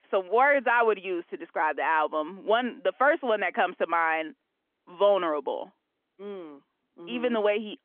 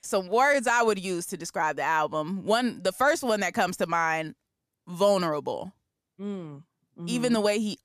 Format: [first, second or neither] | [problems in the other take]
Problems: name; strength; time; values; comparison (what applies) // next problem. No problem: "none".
second | phone-call audio; nothing above 3.5 kHz